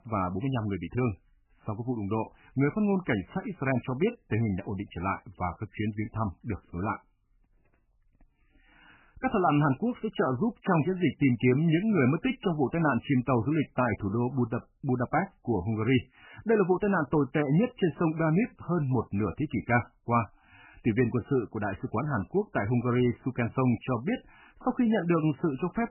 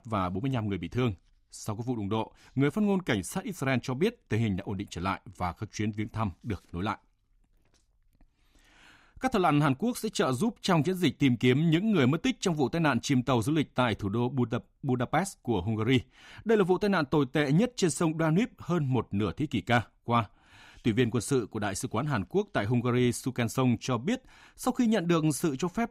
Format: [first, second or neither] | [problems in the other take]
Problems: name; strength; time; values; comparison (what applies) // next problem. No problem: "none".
second | garbled, watery; badly; nothing above 3 kHz